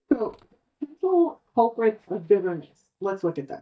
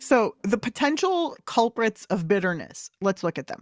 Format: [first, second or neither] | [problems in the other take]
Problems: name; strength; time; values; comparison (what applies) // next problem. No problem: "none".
second | noise reduction (neural mask model DeepFilterNet 3)